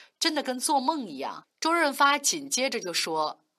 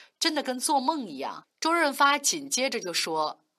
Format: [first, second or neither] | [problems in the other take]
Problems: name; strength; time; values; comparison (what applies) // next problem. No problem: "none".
neither | thin; somewhat; fading below 500 Hz; the same in both